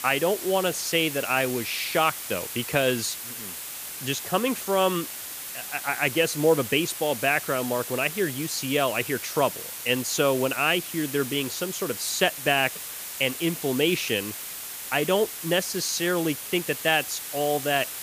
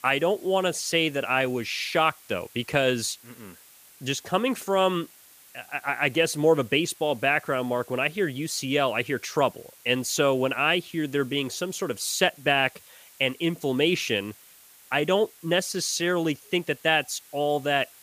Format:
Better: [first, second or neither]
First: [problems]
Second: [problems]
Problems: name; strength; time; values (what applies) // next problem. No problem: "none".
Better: second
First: hiss; loud; throughout; 8 dB below the speech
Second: hiss; faint; throughout; 25 dB below the speech